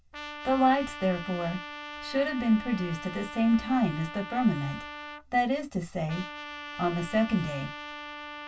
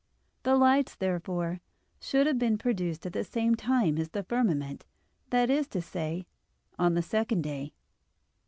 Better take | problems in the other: second | background sound (Trumpet); 12 dB below the speech // room echo; dies away in 0.1 s

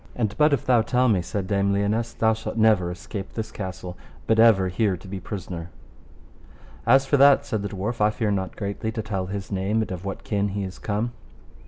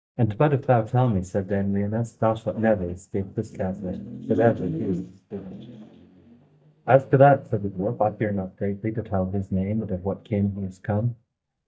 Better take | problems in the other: first | noise reduction (neural mask model DeepFilterNet 3)

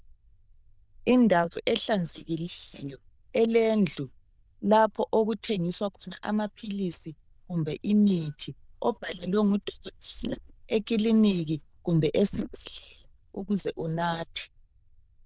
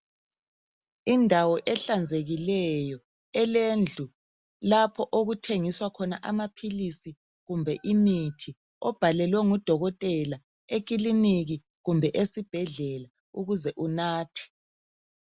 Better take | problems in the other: second | noise reduction (neural diffusion model UNIVERSE++)

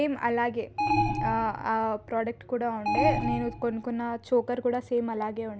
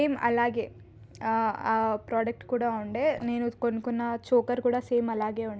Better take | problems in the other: second | background sound (Alarm); 1 dB below the speech

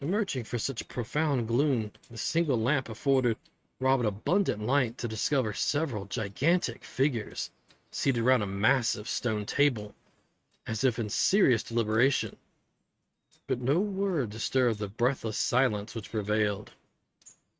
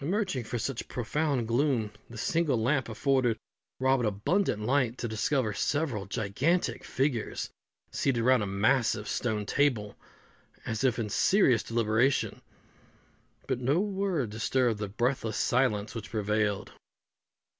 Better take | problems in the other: second | noise reduction (neural mask model RNNoise)

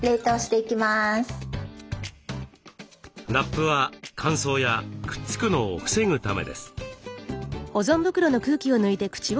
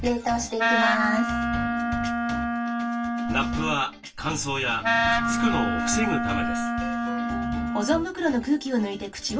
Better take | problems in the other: first | background sound (Wind instrument, woodwind instrument); 2 dB above the speech // room echo; dies away in 0.2 s

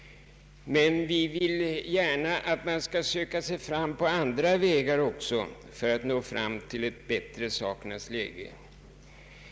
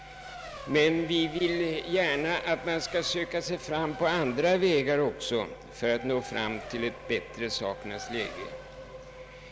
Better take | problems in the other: first | background sound (Race car, auto racing); 14 dB below the speech

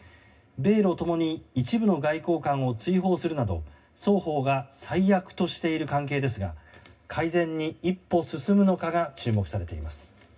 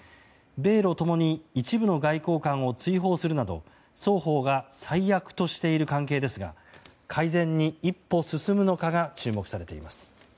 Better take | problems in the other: second | room echo; dies away in 0.4 s

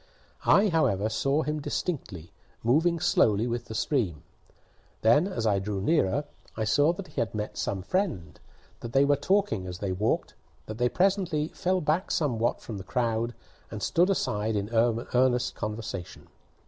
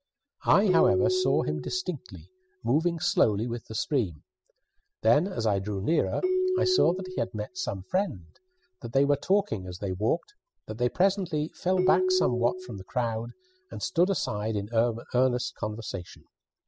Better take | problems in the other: first | noise reduction (classical method spectral subtraction)

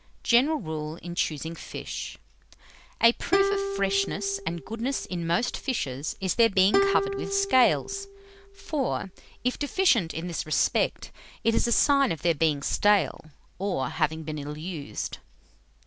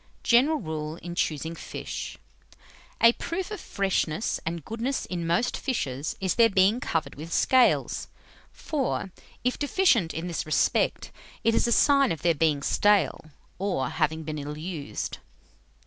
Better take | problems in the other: second | background sound (Plucked string instrument); 4 dB below the speech

